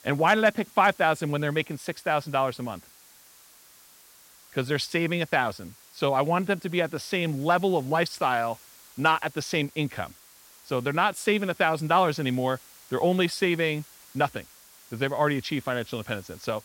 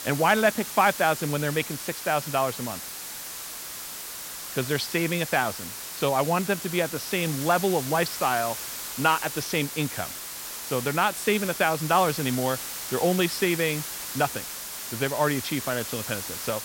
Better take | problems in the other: first | hiss; loud; throughout; 7 dB below the speech; faint in the first

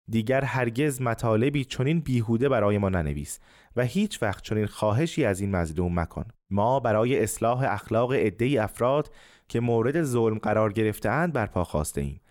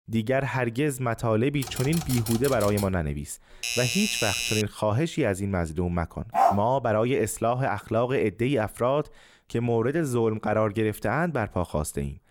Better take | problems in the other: first | keyboard typing; noticeable; from 1.5 to 3 s; peak 6 dB below the speech // doorbell; loud; from 3.5 to 4.5 s; peak 1 dB above the speech // dog barking; loud; at 6.5 s; peak 3 dB above the speech

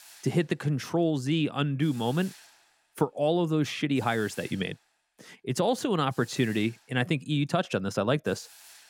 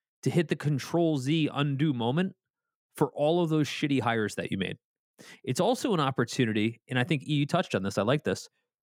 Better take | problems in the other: second | hiss; faint; throughout; 20 dB below the speech

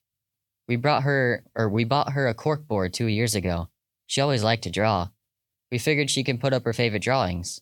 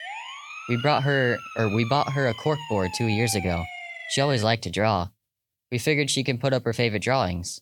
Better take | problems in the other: first | siren; noticeable; until 4.5 s; peak 8 dB below the speech

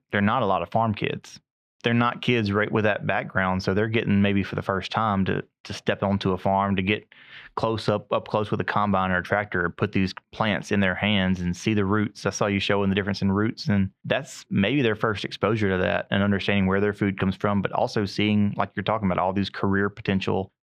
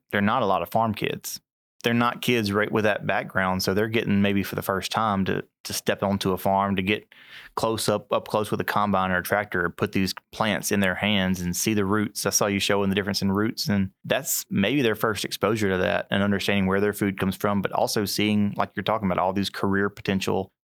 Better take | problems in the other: second | muffled; slightly; fading above 3 kHz

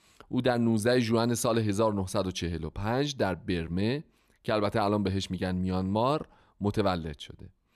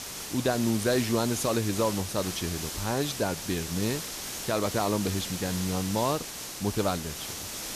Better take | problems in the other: first | hiss; loud; throughout; 5 dB below the speech

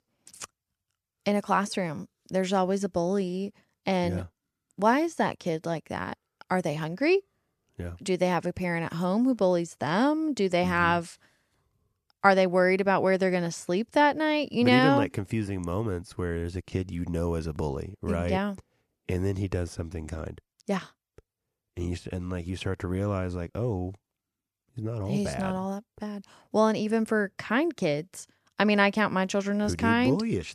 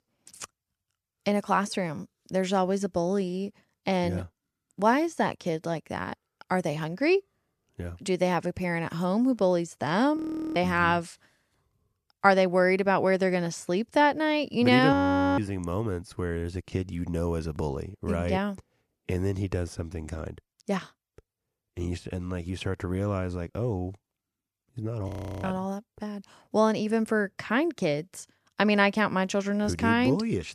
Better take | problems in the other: first | audio freezing; at 10 s, at 15 s and at 25 s

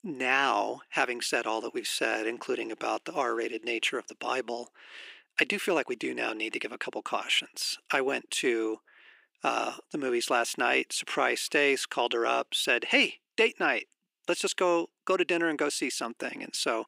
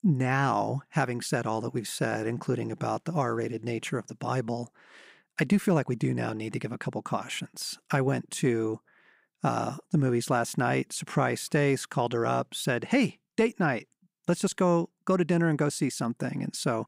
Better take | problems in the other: second | thin; somewhat; fading below 350 Hz

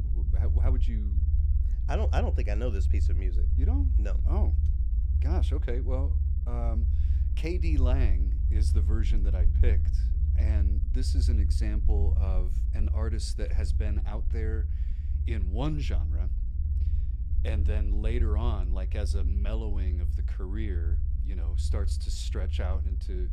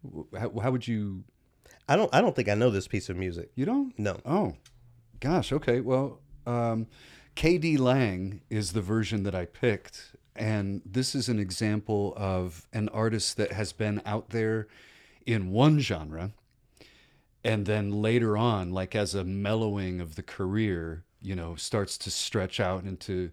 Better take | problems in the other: second | low rumble; loud; throughout; 7 dB below the speech

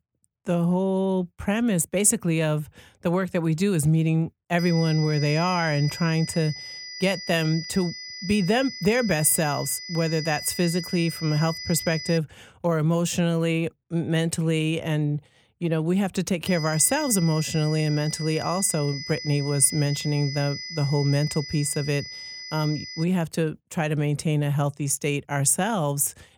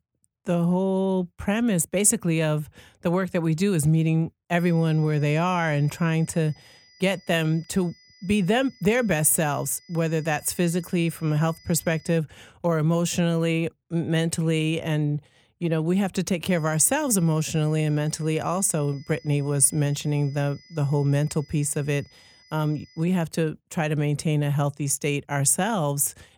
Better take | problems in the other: second | high-pitched whine; loud; from 4.5 to 12 s and from 16 to 23 s; 5 kHz, 10 dB below the speech; faint in the second

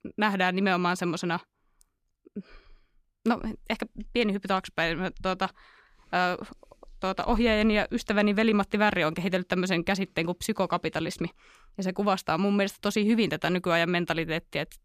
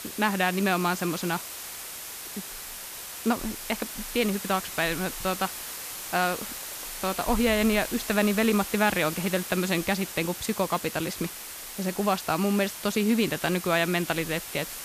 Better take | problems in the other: first | hiss; loud; throughout; 8 dB below the speech

